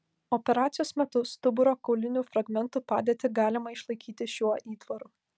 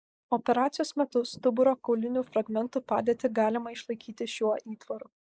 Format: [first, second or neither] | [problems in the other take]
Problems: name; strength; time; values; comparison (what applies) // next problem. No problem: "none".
first | noise reduction (neural mask model Resemble Enhance denoiser)